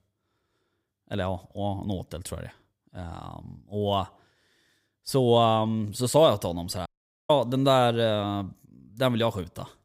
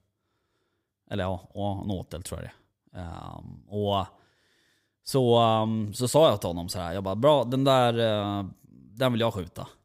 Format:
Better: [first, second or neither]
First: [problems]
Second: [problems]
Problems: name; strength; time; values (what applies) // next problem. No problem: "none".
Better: second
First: audio cutting out; at 7 s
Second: none